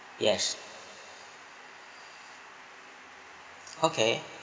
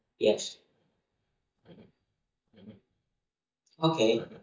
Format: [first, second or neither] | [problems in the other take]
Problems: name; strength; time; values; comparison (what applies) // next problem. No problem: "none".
first | noise reduction (neural mask model DeepFilterNet 3)